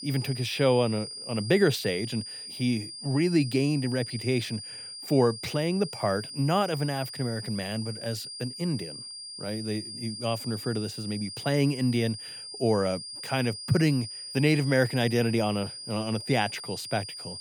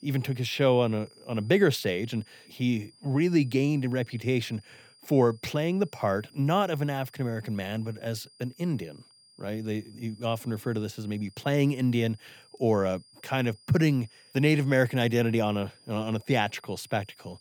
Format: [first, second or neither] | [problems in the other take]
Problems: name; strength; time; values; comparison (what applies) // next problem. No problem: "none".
second | high-pitched whine; loud; throughout; 5 kHz, 9 dB below the speech; faint in the second